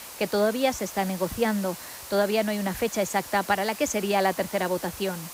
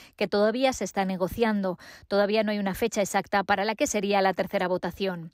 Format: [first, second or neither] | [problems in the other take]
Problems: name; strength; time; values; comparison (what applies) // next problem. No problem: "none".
second | hiss; noticeable; throughout; 10 dB below the speech